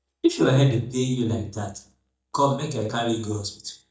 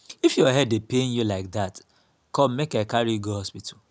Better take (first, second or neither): second